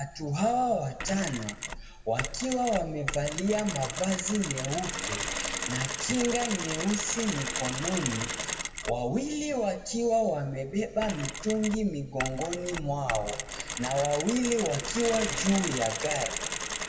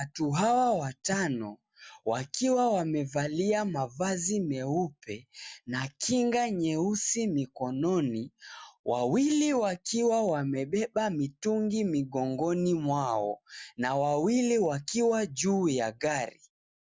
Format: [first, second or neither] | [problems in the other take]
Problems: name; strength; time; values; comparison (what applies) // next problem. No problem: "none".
second | background sound (Mechanisms); 5 dB below the speech // room echo; dies away in 1.1 s